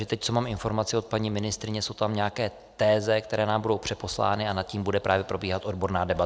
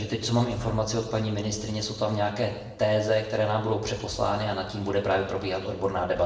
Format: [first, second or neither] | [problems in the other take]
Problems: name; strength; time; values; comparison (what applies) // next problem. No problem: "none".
first | room echo; dies away in 1 s